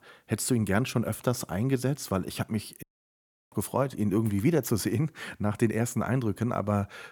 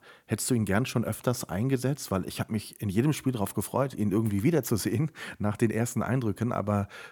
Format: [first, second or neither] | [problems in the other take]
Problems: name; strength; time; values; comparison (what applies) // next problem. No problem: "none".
second | audio cutting out; at 3 s for 0.5 s